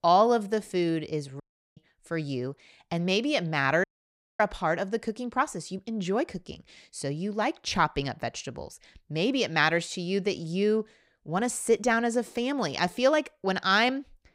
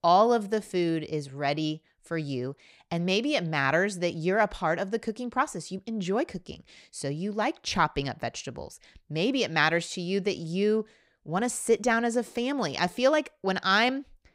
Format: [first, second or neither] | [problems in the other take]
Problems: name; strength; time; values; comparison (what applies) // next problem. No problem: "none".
second | audio cutting out; at 1.5 s and at 4 s for 0.5 s